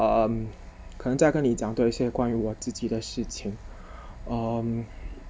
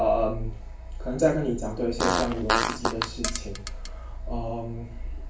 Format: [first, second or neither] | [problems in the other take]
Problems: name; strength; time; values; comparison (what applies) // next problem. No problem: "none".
first | background sound (Fart); 1 dB below the speech // room echo; dies away in 0.3 s